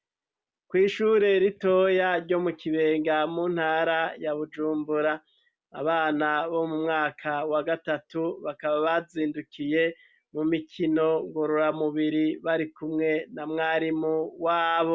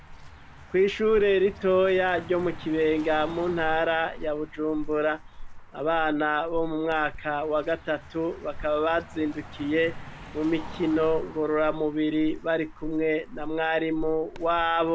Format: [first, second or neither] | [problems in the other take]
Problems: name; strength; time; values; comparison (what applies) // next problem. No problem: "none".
first | background sound (Car passing by); 12 dB below the speech